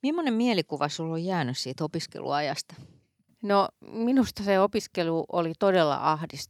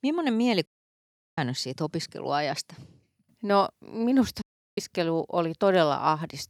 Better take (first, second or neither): first